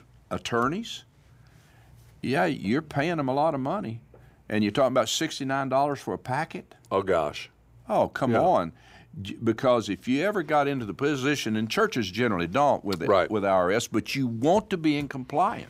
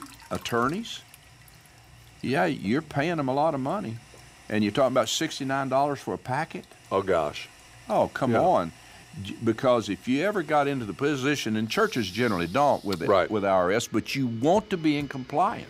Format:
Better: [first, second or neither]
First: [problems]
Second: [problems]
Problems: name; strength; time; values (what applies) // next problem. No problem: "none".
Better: first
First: none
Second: household noises; faint; throughout; 25 dB below the speech